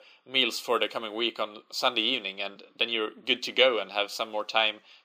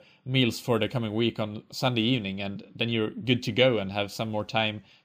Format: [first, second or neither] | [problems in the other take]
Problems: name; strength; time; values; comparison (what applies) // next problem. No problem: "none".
second | thin; very; fading below 400 Hz